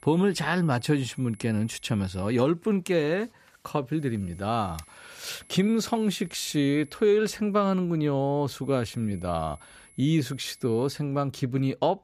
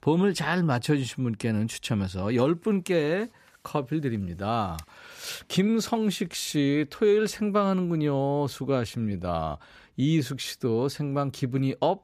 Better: second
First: high-pitched whine; faint; until 2.5 s, from 4 to 7 s and from 8.5 to 11 s; 11 kHz, 25 dB below the speech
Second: none

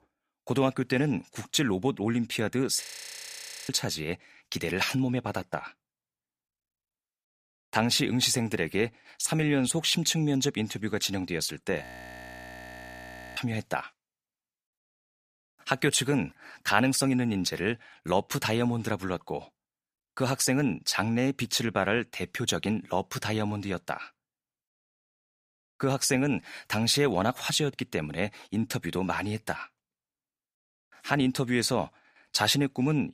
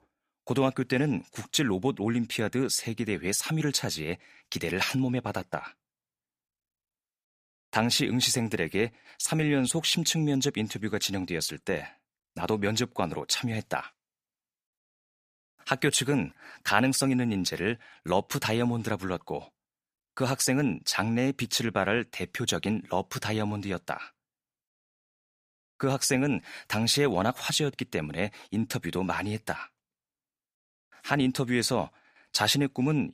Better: second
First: audio freezing; at 3 s for 1 s and at 12 s for 1.5 s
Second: none

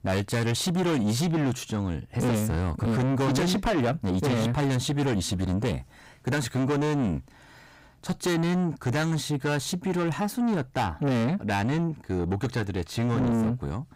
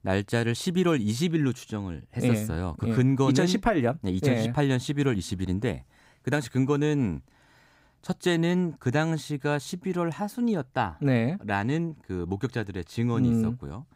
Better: second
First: distortion; heavy; 6 dB below the speech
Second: none

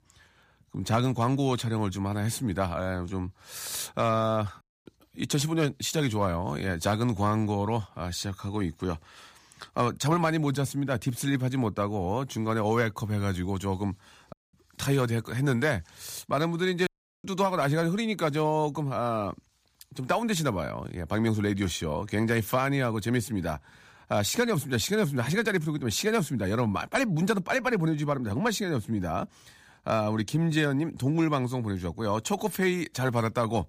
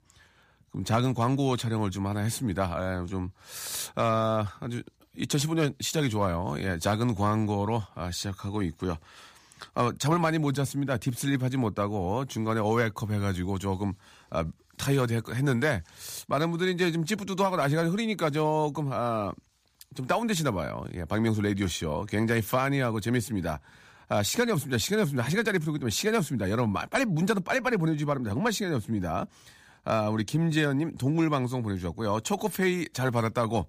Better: second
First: audio cutting out; at 4.5 s, at 14 s and at 17 s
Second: none

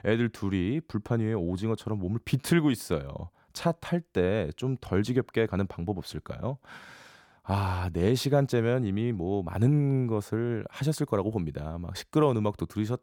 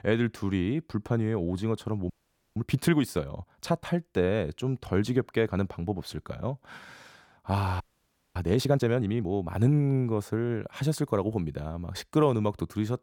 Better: first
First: none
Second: audio freezing; at 2 s and at 8 s for 0.5 s

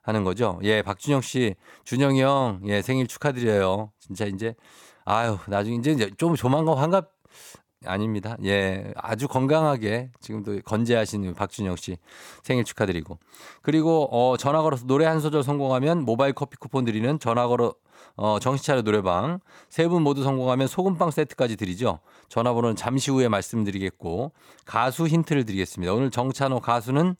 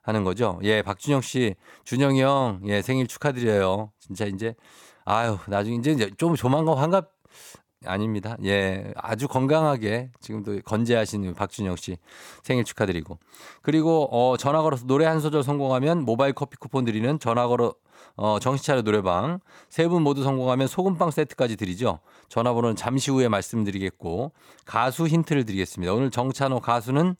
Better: neither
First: none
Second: none

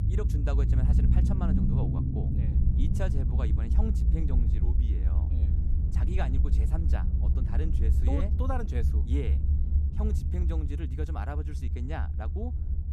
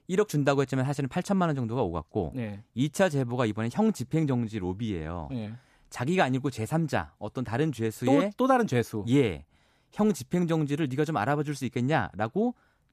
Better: second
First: low rumble; loud; throughout; 2 dB below the speech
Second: none

